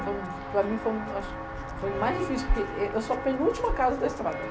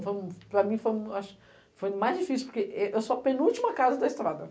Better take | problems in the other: second | background sound (Walk, footsteps); 4 dB below the speech

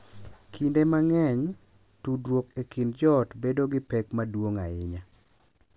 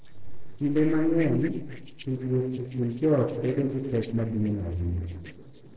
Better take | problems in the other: first | noise reduction (neural separator model SepFormer DNS4)

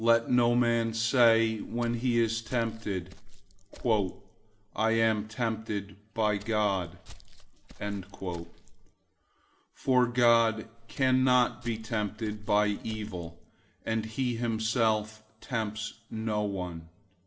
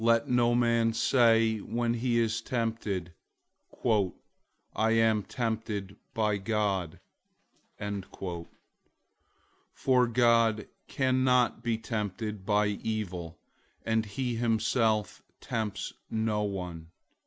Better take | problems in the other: second | background sound (Walk, footsteps); 16 dB below the speech // room echo; dies away in 0.4 s

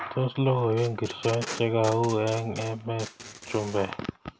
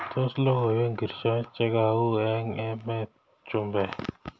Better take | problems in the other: second | background sound (Packing tape, duct tape); 14 dB below the speech

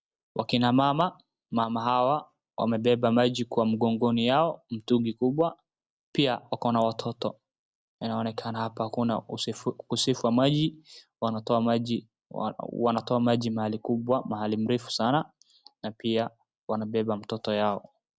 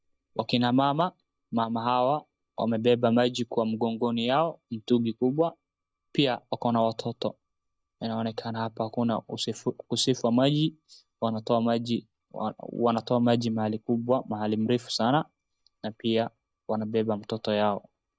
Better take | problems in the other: first | noise reduction (neural mask model DeepFilterNet 3)

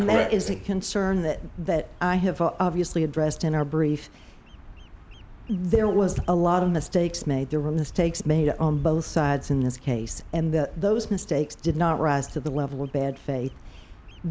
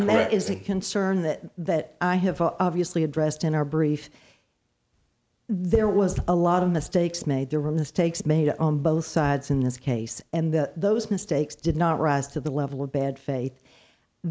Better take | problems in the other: second | background sound (Bird vocalization, bird call, bird song); 17 dB below the speech

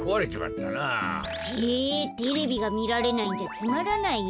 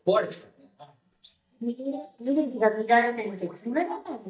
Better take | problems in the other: first | noise reduction (neural mask model DeepFilterNet 3)

